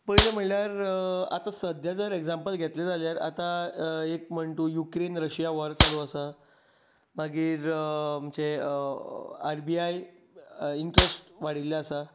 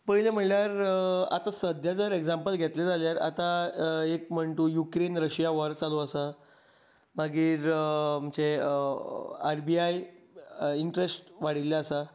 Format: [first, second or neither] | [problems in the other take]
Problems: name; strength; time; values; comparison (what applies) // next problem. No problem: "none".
second | background sound (Clapping); 4 dB above the speech